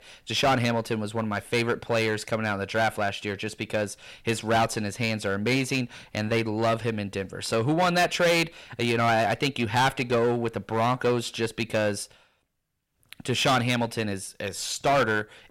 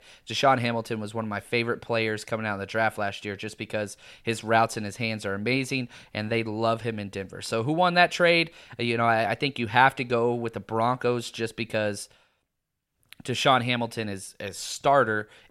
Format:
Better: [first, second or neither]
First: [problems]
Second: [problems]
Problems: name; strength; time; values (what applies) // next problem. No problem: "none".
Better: second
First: distortion; heavy; 7% of the sound clipped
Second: none